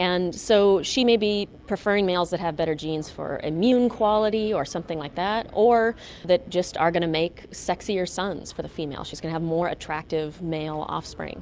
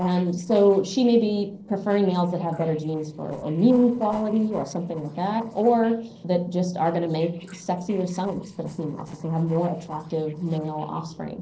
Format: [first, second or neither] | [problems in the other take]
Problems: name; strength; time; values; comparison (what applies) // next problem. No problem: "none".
first | noise reduction (neural separator model SepFormer DNS4)